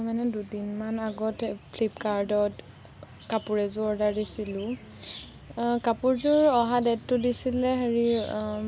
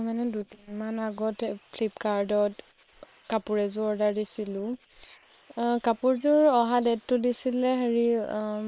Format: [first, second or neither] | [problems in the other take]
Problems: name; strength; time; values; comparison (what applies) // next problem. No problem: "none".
first | noise reduction (neural separator model SepFormer WHAM!)